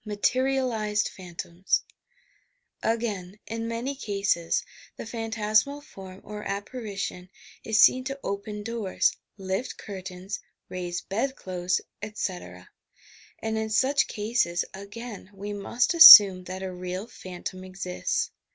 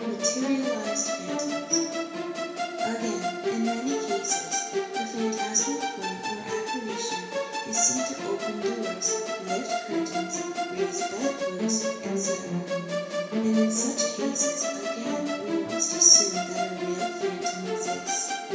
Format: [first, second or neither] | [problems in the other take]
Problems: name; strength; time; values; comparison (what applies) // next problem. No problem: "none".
first | background sound (Musical instrument); as loud as the speech // room echo; dies away in 0.7 s